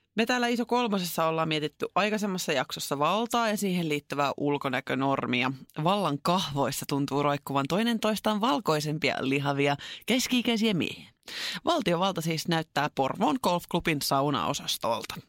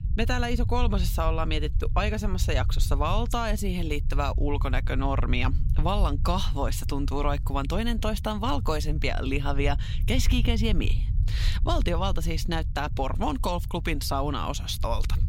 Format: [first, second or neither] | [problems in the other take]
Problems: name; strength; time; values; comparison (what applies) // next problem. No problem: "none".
first | low rumble; noticeable; throughout; 15 dB below the speech